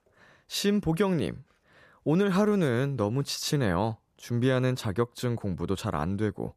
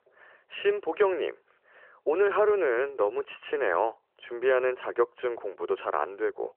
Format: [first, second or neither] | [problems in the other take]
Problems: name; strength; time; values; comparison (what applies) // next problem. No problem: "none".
first | phone-call audio; nothing above 3 kHz